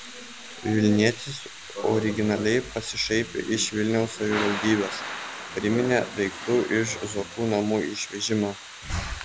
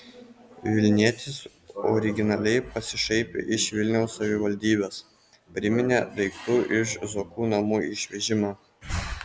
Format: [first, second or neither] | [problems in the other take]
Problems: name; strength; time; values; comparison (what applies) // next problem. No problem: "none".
second | background sound (Thunder / Rain); 12 dB below the speech